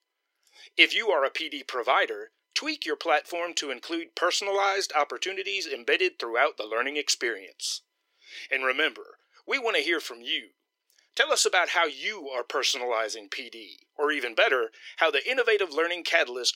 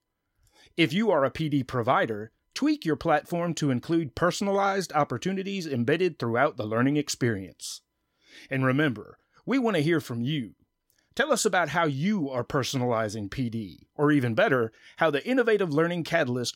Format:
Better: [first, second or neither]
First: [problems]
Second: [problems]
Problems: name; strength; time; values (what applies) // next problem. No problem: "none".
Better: second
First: thin; very; fading below 350 Hz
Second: none